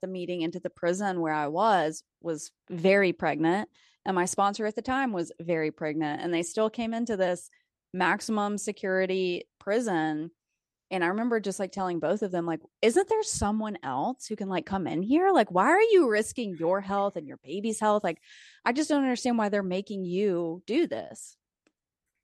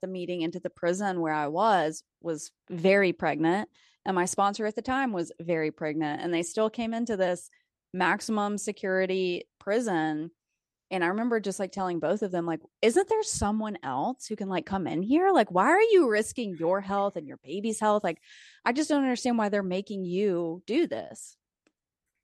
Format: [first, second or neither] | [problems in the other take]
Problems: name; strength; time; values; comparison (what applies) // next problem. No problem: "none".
neither | none